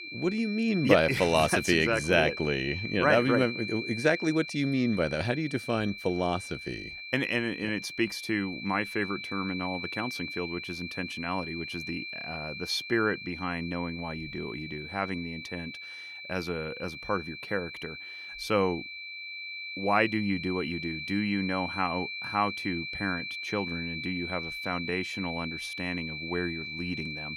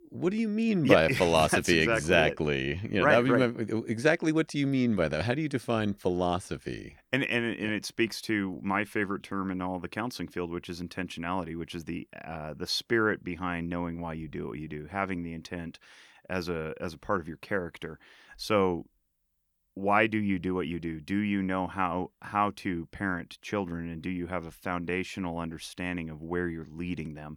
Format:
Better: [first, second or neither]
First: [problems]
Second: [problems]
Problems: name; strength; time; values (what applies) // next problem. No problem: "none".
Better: second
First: high-pitched whine; loud; throughout; 2.5 kHz, 7 dB below the speech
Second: none